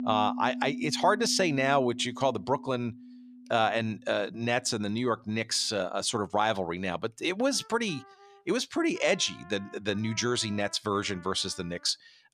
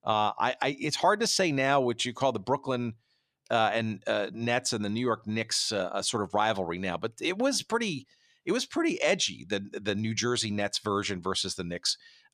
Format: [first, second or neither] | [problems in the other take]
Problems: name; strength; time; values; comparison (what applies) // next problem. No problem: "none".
second | background music; noticeable; throughout; 15 dB below the speech